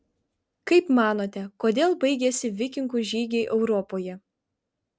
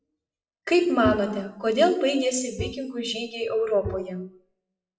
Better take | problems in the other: first | noise reduction (classical method WPE with log-MMSE)

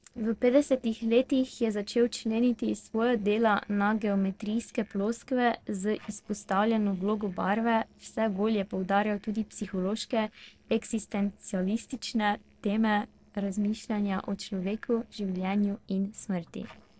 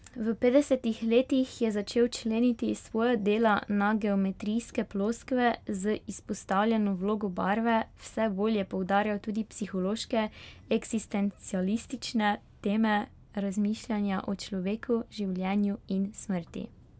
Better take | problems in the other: second | noise reduction (neural separator model SepFormer DNS4)

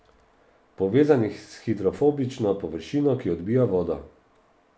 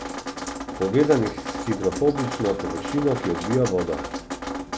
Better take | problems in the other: first | background sound (Drip); 6 dB below the speech

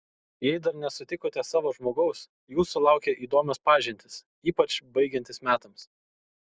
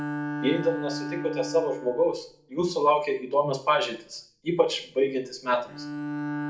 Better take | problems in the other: first | background sound (Bowed string instrument); 9 dB below the speech // room echo; dies away in 0.4 s

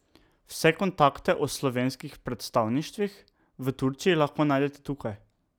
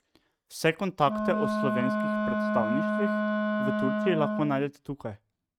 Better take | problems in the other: first | noise reduction (neural mask model RNNoise)

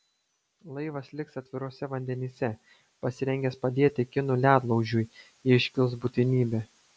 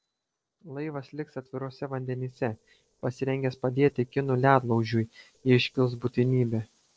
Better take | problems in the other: first | noise reduction (neural separator model SepFormer DNS4)

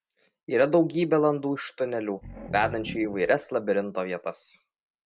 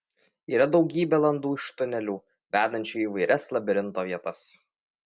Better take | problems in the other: second | background sound (Growling); 16 dB below the speech

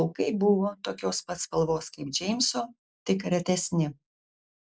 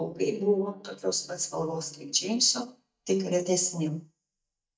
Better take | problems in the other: first | noise reduction (neural mask model DeepFilterNet 3)

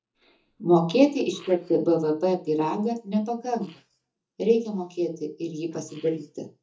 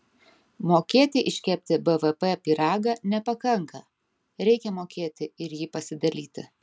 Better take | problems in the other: second | noise reduction (neural mask model DeepFilterNet 3)

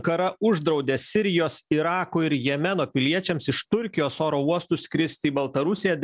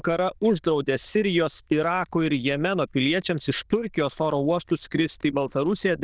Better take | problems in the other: first | noise reduction (neural diffusion model UNIVERSE++)

